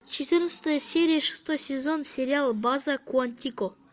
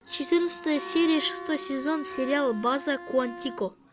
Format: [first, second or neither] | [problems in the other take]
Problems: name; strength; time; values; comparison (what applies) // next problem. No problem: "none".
first | background sound (Bowed string instrument + Wind instrument, woodwind instrument); 12 dB below the speech